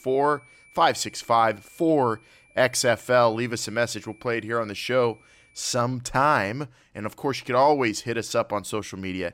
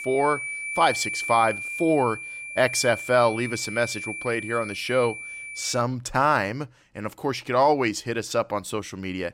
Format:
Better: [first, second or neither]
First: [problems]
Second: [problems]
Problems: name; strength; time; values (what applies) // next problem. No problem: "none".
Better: first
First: high-pitched whine; faint; until 5.5 s; 2.5 kHz, 30 dB below the speech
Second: high-pitched whine; loud; until 5.5 s; 2.5 kHz, 7 dB below the speech